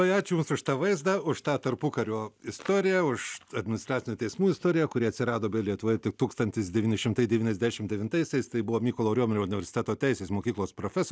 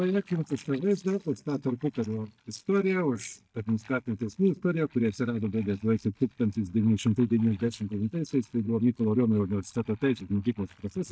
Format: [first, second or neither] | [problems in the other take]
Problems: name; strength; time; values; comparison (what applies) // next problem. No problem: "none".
first | noise reduction (neural mask model DeepFilterNet 3)